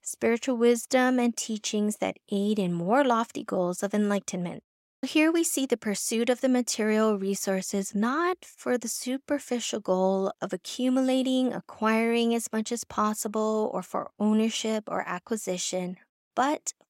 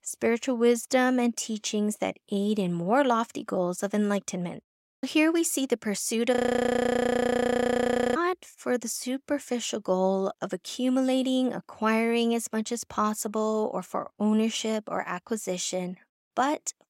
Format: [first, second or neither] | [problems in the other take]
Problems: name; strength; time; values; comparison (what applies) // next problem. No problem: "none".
first | audio freezing; at 6.5 s for 2 s